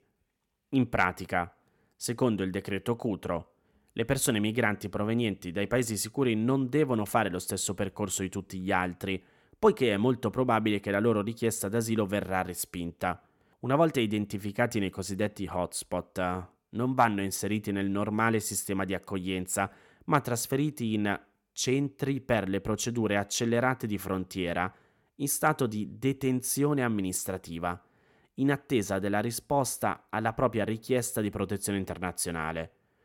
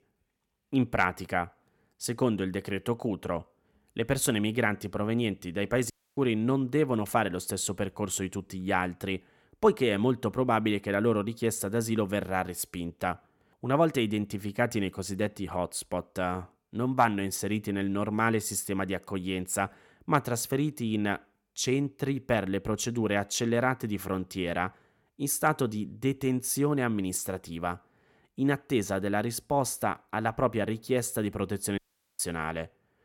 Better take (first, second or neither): first